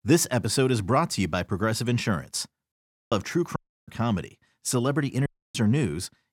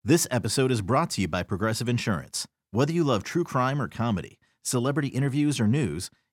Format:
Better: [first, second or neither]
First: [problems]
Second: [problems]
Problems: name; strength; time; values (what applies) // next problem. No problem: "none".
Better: second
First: audio cutting out; at 2.5 s, at 3.5 s and at 5.5 s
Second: none